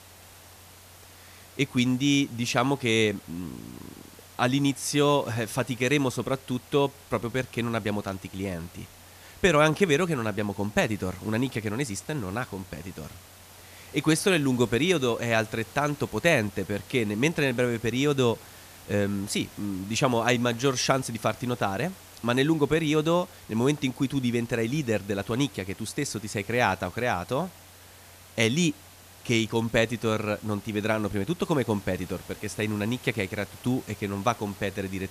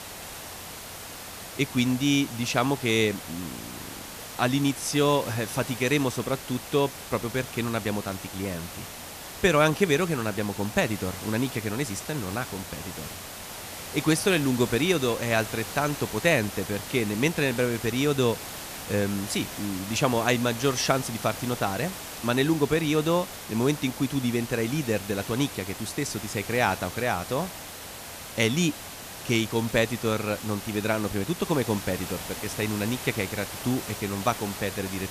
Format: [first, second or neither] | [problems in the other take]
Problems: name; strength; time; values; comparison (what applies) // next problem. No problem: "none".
first | hiss; loud; throughout; 10 dB below the speech; faint in the first